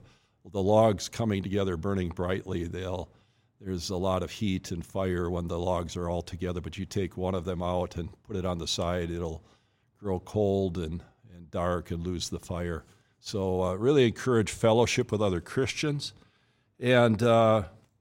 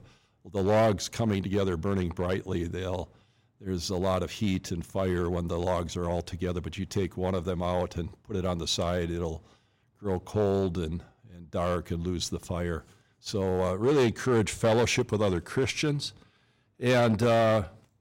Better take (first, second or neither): first